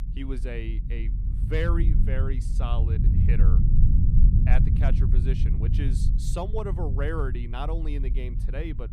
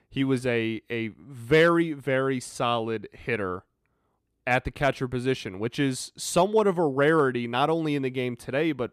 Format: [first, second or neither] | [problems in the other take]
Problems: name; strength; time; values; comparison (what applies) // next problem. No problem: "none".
second | low rumble; loud; throughout; 4 dB below the speech